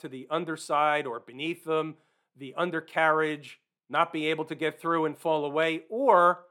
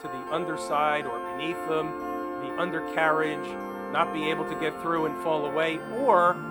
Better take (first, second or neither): first